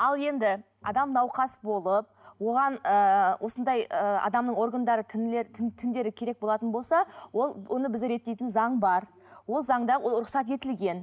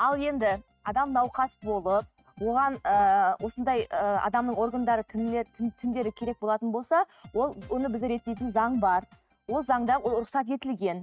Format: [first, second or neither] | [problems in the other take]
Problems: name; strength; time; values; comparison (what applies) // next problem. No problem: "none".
first | noise reduction (neural mask model RNNoise)